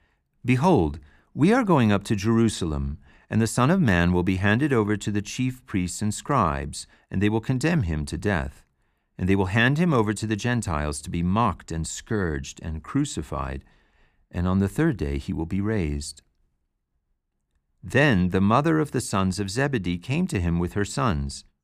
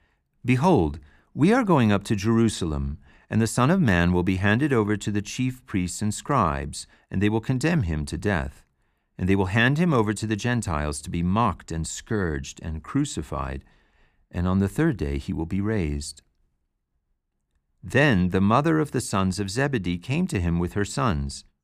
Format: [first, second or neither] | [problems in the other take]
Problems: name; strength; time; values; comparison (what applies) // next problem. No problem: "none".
neither | none